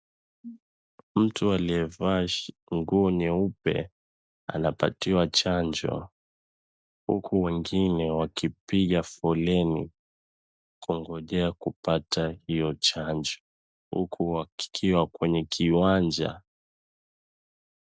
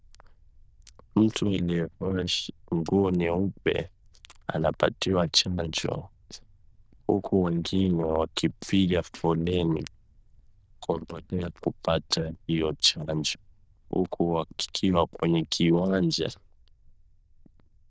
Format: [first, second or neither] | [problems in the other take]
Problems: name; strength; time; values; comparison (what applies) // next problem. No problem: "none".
first | noise reduction (neural diffusion model UNIVERSE++)